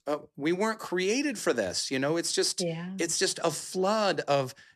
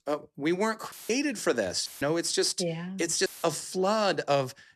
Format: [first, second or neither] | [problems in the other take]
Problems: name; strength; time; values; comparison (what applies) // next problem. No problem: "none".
first | audio cutting out; filled with static; at 1 s, at 2 s and at 3.5 s